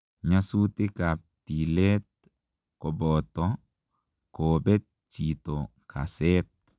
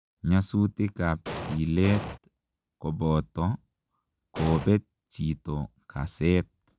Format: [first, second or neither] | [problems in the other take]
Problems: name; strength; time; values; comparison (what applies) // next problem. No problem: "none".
first | background sound (Explosion); 7 dB below the speech